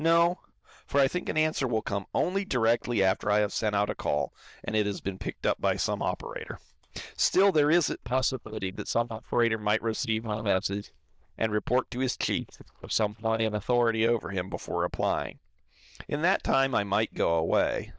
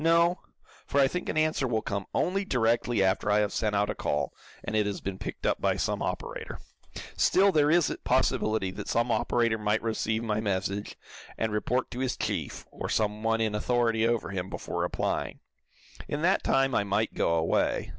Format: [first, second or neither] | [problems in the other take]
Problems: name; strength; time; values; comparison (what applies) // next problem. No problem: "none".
second | noise reduction (neural diffusion model UNIVERSE++)